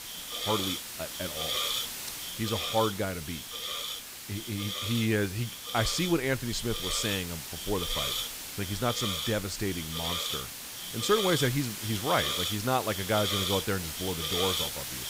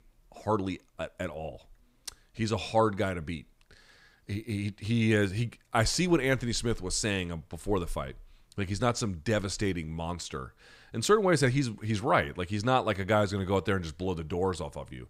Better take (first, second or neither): second